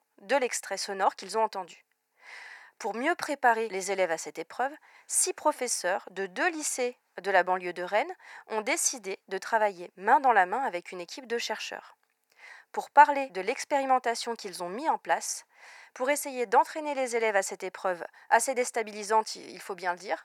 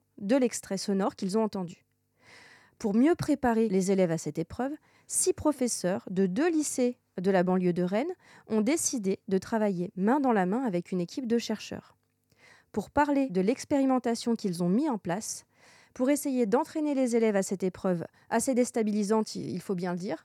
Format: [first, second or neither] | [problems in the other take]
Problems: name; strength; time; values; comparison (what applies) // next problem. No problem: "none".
second | thin; very; fading below 700 Hz